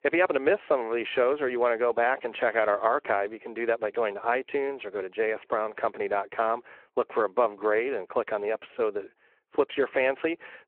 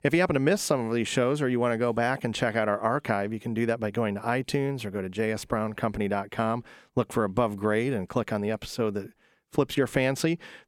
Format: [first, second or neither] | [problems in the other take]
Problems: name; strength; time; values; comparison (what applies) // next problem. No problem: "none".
second | phone-call audio